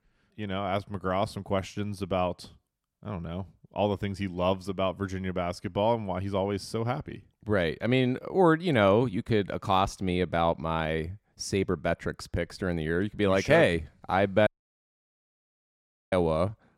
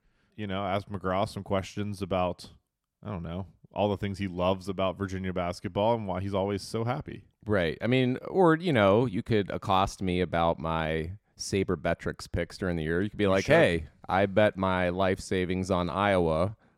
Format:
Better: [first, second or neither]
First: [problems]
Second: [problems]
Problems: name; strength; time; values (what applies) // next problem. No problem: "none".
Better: second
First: audio cutting out; at 14 s for 1.5 s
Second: none